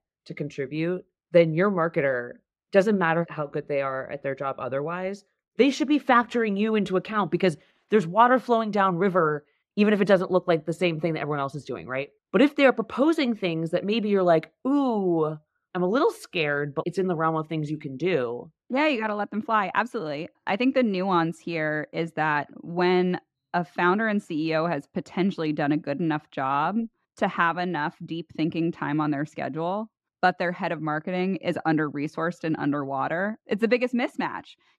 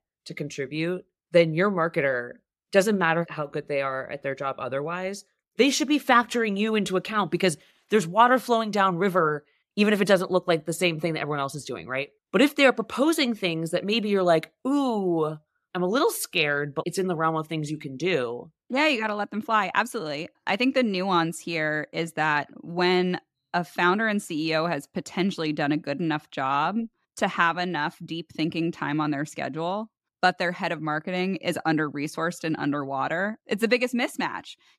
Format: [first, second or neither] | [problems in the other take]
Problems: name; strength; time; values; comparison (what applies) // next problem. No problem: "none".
second | muffled; slightly; fading above 1.5 kHz